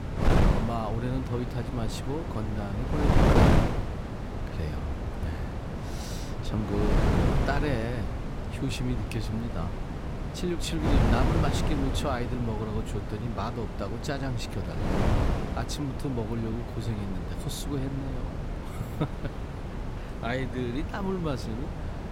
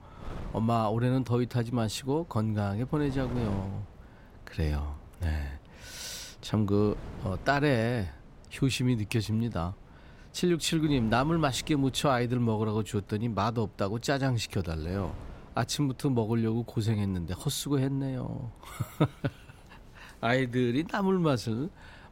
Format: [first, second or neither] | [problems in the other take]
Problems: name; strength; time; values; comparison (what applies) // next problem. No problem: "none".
second | wind noise on the microphone; heavy; 1 dB above the speech; occasional gusts in the second